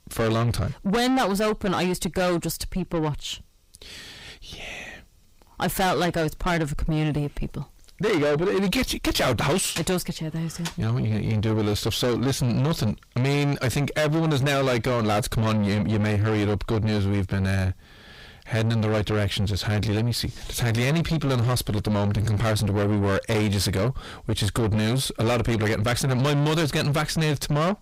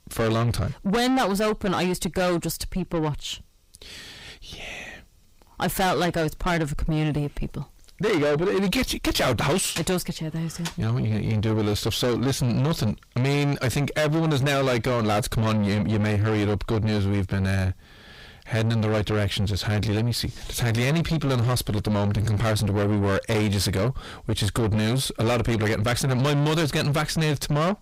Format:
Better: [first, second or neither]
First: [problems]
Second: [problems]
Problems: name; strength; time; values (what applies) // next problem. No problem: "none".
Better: neither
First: distortion; heavy; 6 dB below the speech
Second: distortion; heavy; 6 dB below the speech